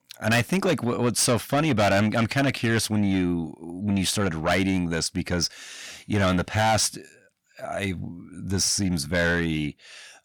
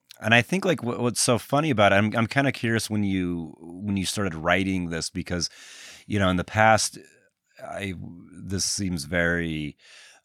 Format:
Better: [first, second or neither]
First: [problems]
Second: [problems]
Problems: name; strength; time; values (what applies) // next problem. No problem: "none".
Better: second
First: distortion; heavy; 7 dB below the speech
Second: none